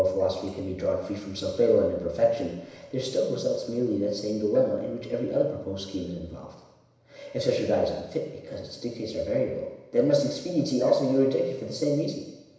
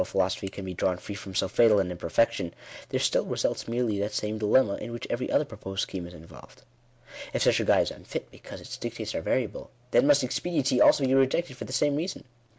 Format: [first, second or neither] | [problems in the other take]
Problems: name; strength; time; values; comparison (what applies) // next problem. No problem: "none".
second | room echo; dies away in 1 s